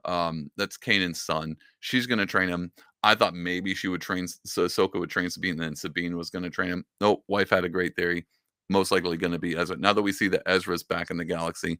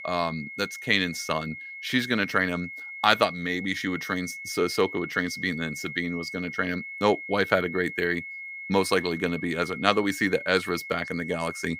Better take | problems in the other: first | high-pitched whine; loud; throughout; 2 kHz, 10 dB below the speech

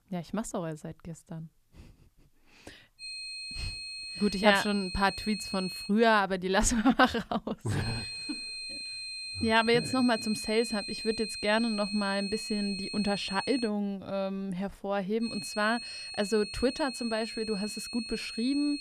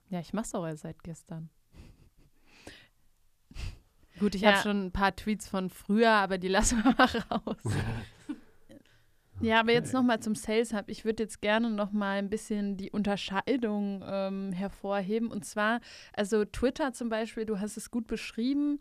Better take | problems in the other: second | high-pitched whine; loud; from 3 to 6 s, from 8 to 14 s and from 15 s on; 4 kHz, 7 dB below the speech

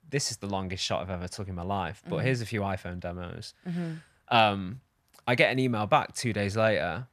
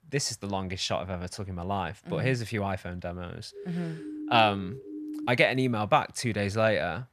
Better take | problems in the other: first | siren; noticeable; from 3.5 to 5.5 s; peak 9 dB below the speech

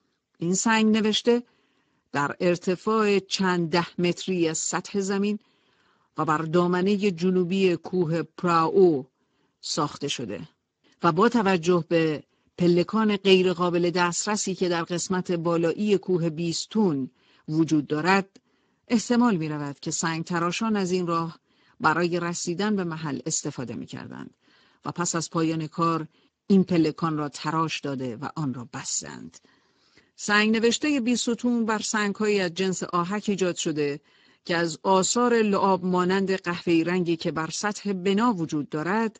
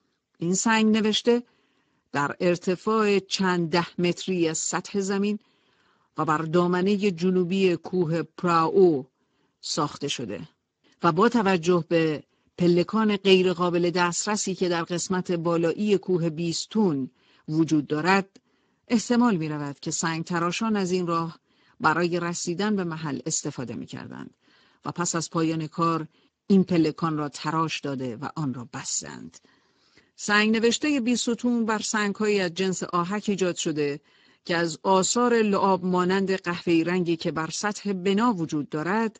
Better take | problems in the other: neither | garbled, watery; badly; nothing above 7.5 kHz; the same in both

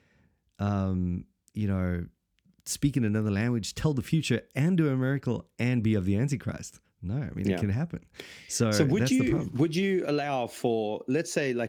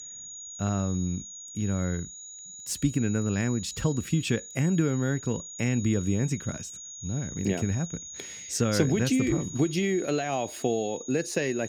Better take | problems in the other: first | high-pitched whine; noticeable; throughout; 6.5 kHz, 10 dB below the speech

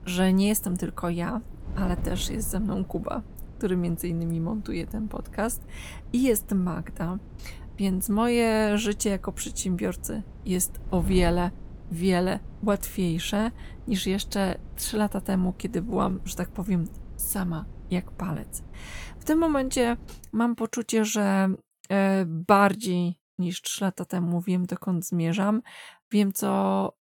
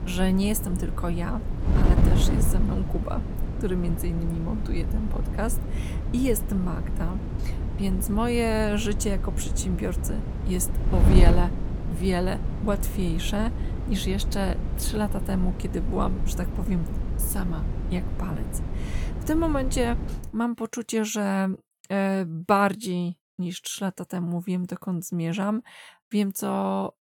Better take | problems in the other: first | wind noise on the microphone; heavy; until 20 s; 8 dB below the speech; occasional gusts in the first

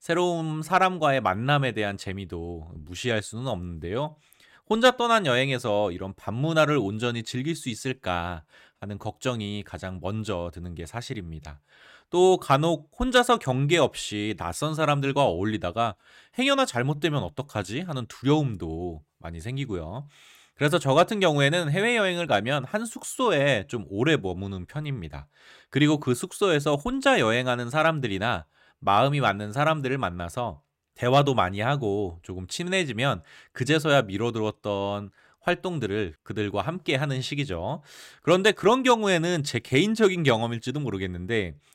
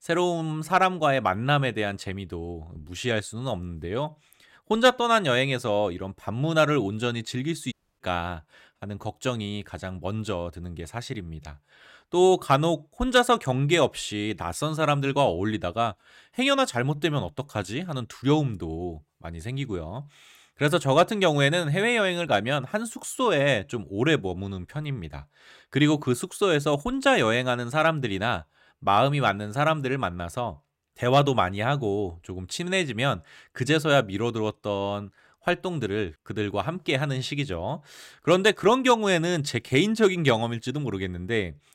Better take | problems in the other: first | audio cutting out; at 7.5 s

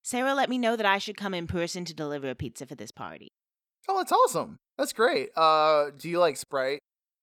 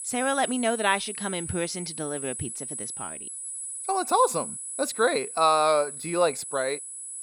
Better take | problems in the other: first | high-pitched whine; loud; throughout; 10.5 kHz, 8 dB below the speech

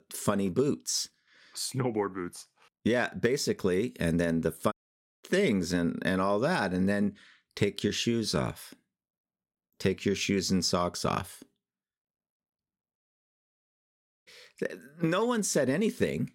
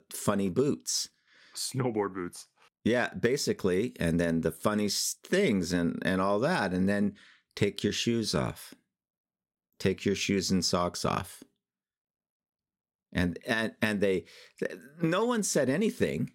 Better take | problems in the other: second | audio cutting out; at 4.5 s for 0.5 s and at 13 s for 1.5 s

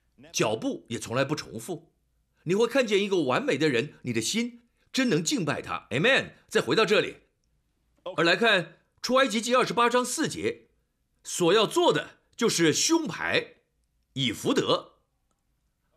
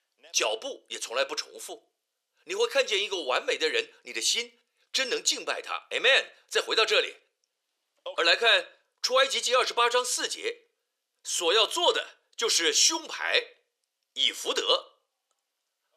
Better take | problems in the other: first | thin; very; fading below 500 Hz

